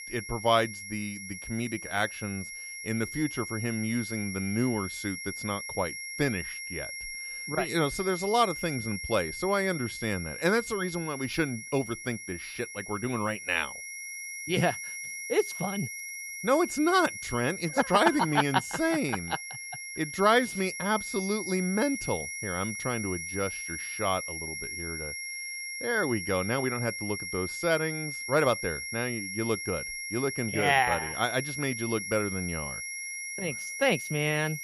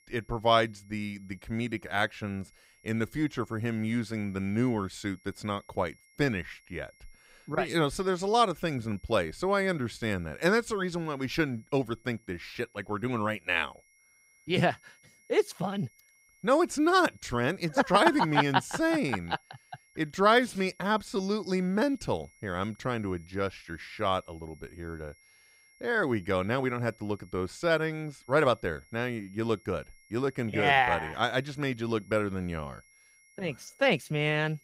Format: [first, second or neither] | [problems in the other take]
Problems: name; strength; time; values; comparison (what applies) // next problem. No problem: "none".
second | high-pitched whine; loud; throughout; 2 kHz, 6 dB below the speech; faint in the second